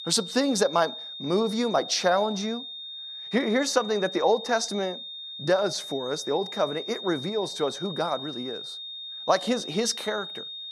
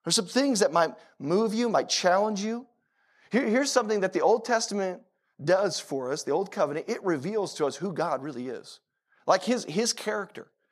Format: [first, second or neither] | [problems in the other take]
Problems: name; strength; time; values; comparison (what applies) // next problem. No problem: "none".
second | high-pitched whine; loud; throughout; 3.5 kHz, 9 dB below the speech